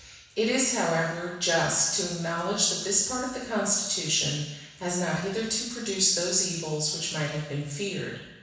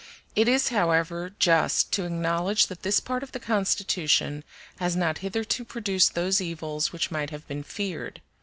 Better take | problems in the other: second | room echo; dies away in 1.1 s

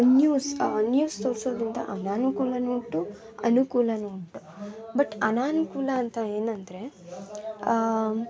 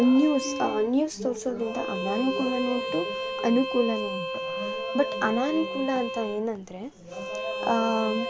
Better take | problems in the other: first | background sound (Bowed string instrument); 6 dB below the speech

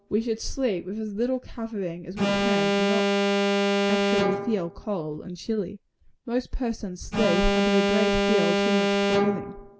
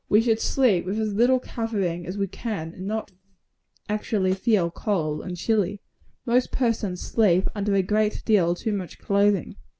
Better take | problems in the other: second | background sound (Alarm); 3 dB above the speech

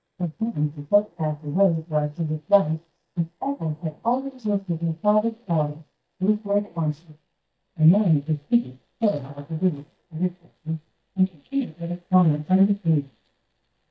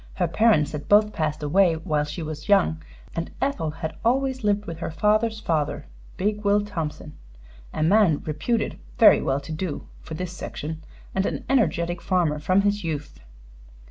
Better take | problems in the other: second | noise reduction (neural mask model DeepFilterNet 3)

